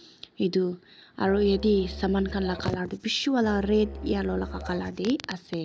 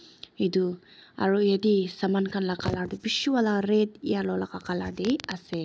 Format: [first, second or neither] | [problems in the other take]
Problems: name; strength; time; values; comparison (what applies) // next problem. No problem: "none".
second | background sound (Musical instrument); 12 dB below the speech